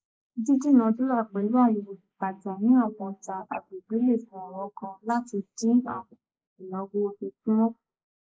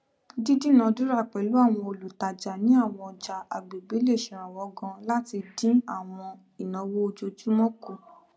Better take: second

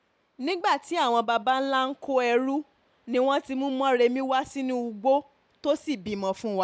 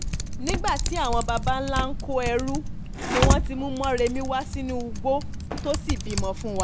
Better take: first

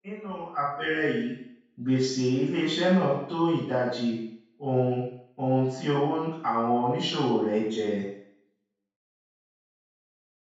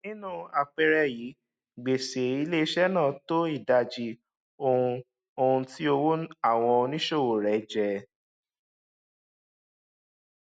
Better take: second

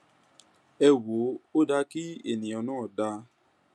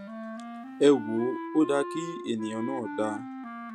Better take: first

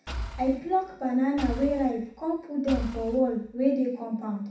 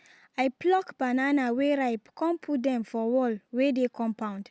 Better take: second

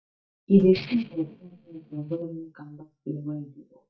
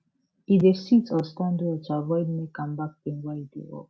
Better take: second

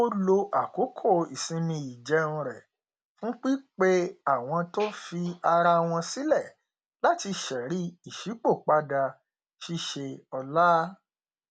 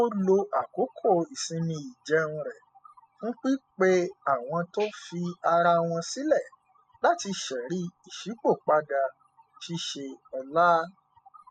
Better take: first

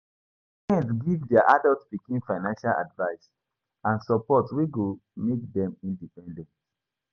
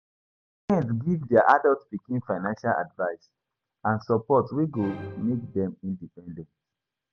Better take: first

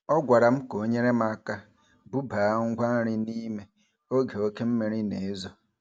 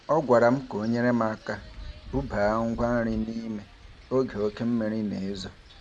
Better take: first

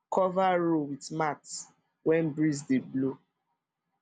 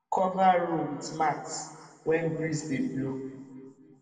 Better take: first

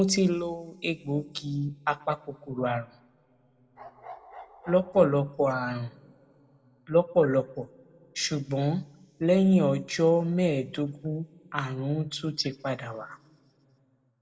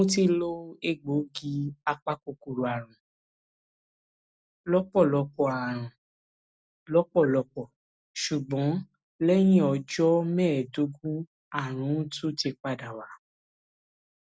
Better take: second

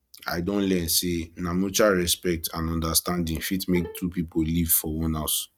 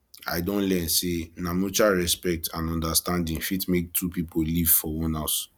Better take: second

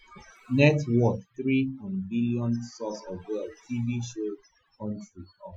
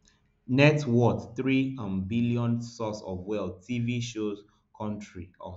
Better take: second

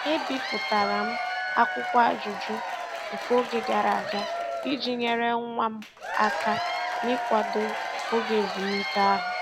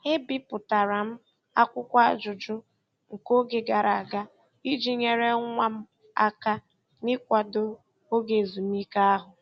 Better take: second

